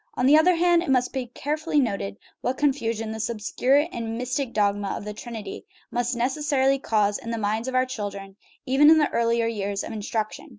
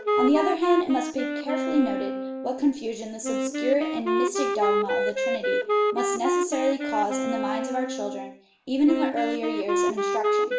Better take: first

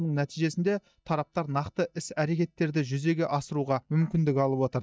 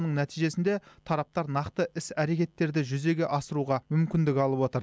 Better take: second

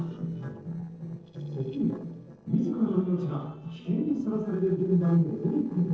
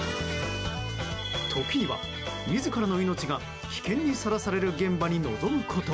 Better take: second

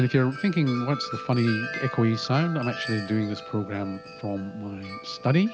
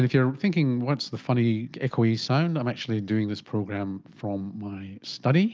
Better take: second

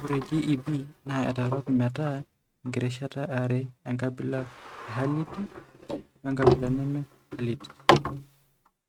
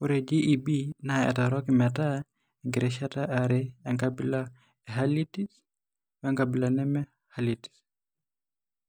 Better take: second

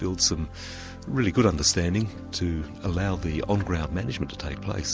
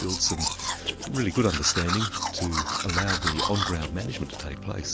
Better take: first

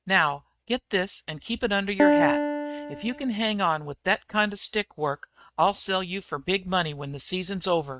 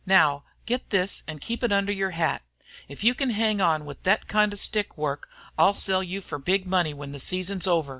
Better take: second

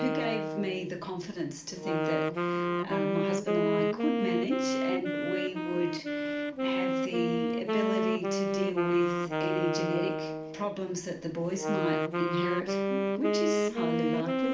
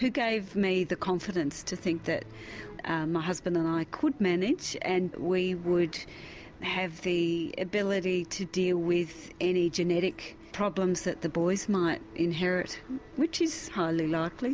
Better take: second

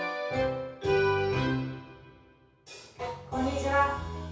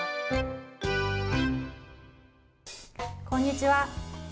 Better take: second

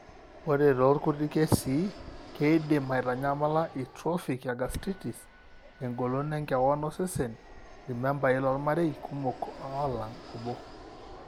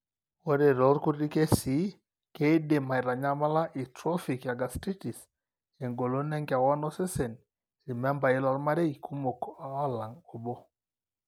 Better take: second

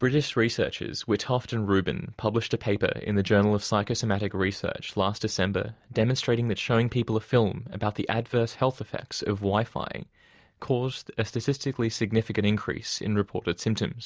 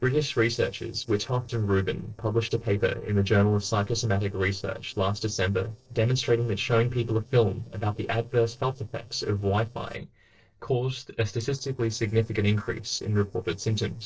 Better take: first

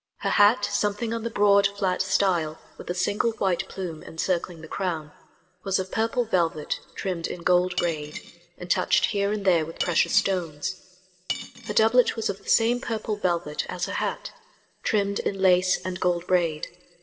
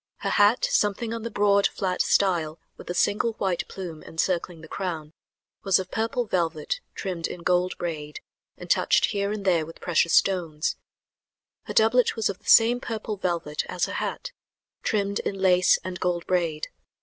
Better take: second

